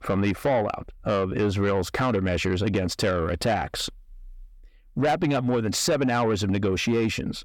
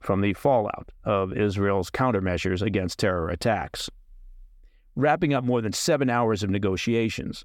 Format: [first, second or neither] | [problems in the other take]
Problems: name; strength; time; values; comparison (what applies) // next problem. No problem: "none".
second | distortion; slight; 10 dB below the speech